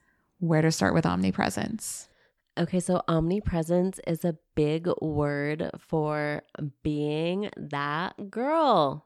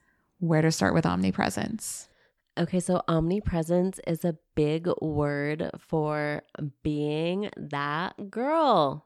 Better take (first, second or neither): neither